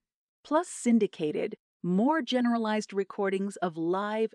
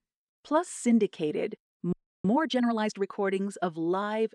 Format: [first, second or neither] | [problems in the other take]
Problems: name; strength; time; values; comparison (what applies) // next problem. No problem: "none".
first | audio freezing; at 2 s